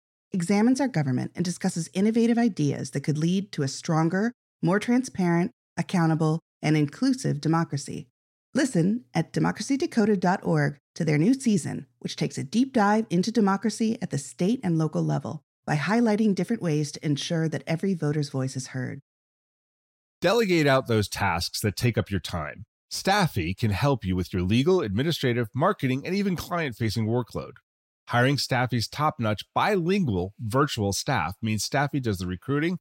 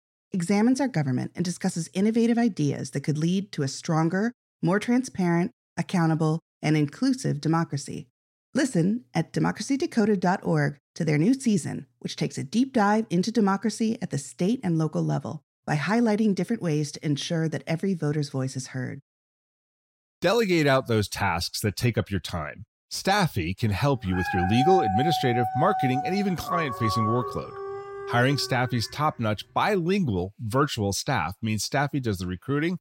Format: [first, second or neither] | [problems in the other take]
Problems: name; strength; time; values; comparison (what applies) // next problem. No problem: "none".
first | dog barking; loud; from 24 to 29 s; peak 2 dB above the speech